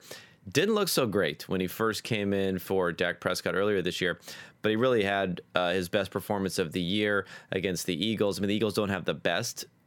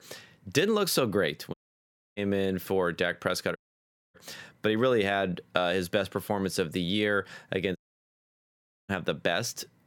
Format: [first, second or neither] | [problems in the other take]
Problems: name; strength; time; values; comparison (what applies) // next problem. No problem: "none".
first | audio cutting out; at 1.5 s for 0.5 s, at 3.5 s for 0.5 s and at 8 s for 1 s